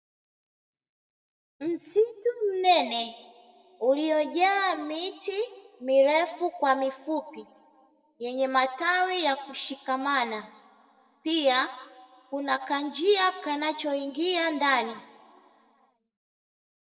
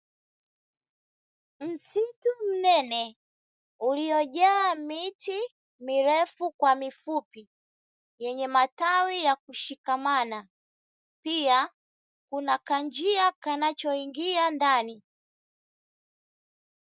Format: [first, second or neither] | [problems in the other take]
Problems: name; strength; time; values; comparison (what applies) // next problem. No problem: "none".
second | room echo; dies away in 1 s